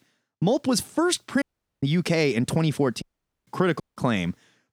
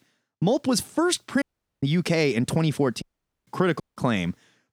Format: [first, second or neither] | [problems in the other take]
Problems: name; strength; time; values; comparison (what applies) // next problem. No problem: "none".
neither | audio cutting out; at 1.5 s, at 3 s and at 4 s; the same in both